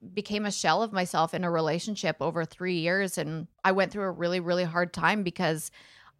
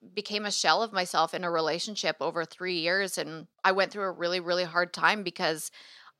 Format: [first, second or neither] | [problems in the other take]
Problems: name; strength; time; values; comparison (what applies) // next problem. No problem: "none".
first | thin; somewhat; fading below 300 Hz